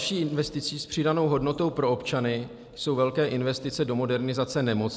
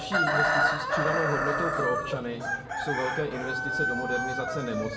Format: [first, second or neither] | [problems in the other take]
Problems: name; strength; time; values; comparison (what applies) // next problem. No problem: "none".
first | background sound (Chicken, rooster); 4 dB above the speech // room echo; dies away in 1.7 s